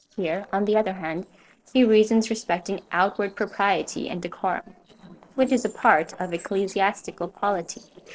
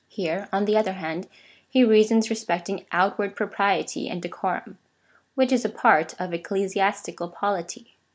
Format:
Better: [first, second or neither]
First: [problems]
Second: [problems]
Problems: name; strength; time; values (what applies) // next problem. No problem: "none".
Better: second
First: noise reduction (neural separator model SepFormer DNS4)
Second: none